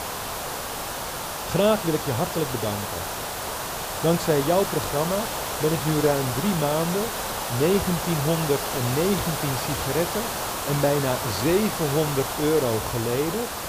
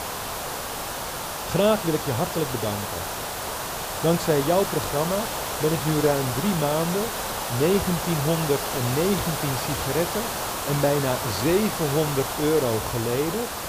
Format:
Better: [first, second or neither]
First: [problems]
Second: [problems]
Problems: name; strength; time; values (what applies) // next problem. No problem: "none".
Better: neither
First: hiss; loud; throughout; 3 dB below the speech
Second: hiss; loud; throughout; 3 dB below the speech